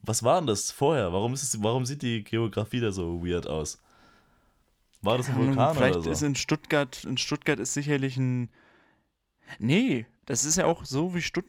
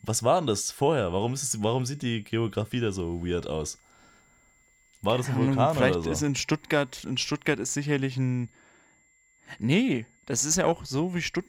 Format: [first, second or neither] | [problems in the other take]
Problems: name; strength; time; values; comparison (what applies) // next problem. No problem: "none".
first | high-pitched whine; faint; throughout; 2 kHz, 35 dB below the speech